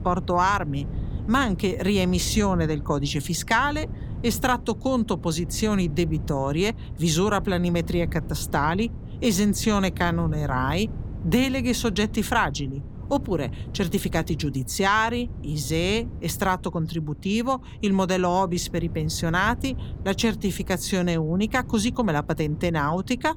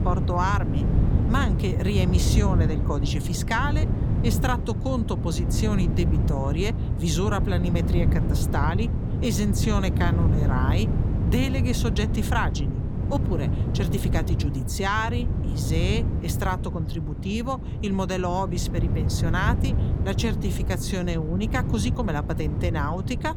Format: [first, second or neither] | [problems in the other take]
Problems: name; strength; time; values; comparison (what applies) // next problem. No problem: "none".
first | wind noise on the microphone; heavy; 7 dB below the speech; occasional gusts in the first